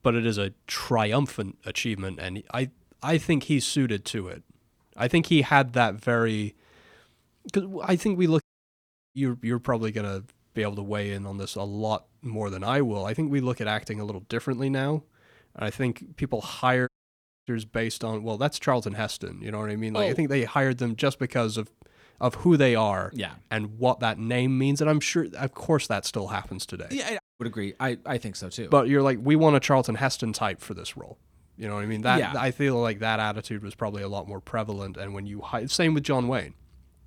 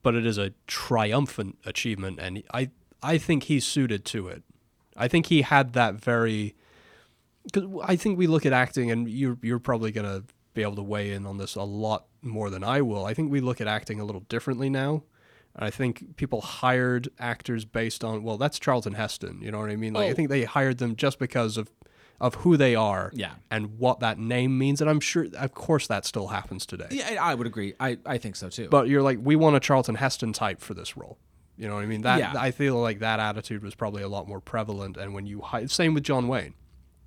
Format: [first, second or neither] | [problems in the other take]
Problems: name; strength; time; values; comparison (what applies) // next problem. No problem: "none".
second | audio cutting out; at 8.5 s for 0.5 s, at 17 s for 0.5 s and at 27 s